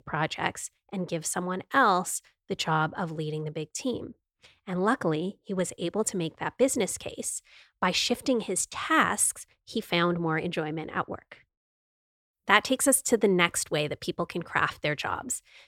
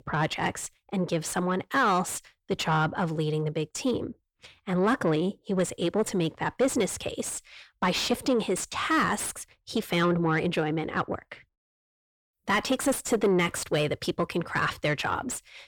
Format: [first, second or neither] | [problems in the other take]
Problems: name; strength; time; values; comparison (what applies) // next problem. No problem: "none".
first | distortion; heavy; 7 dB below the speech